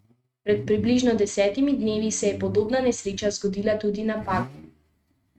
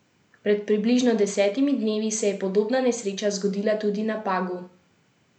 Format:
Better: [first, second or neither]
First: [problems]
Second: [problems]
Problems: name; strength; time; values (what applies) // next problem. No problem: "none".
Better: second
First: noise reduction (neural mask model RNNoise)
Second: none